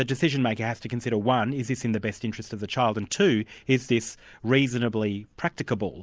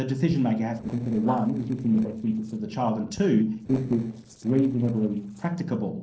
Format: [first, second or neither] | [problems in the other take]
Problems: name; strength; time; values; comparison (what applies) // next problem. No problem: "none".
first | noise reduction (neural separator model SepFormer DNS4)